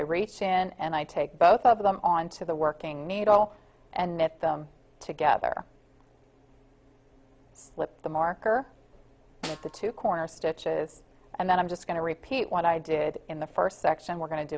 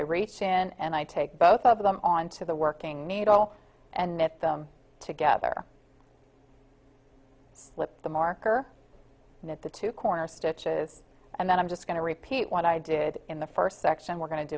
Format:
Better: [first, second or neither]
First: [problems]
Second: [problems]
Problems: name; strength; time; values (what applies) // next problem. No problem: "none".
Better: second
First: background sound (Snare drum); 18 dB below the speech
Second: none